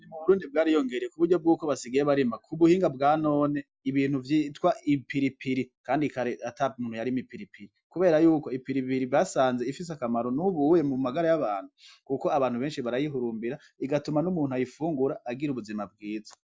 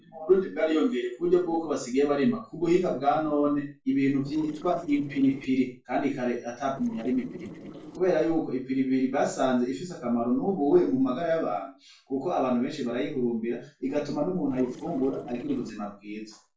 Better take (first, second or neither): first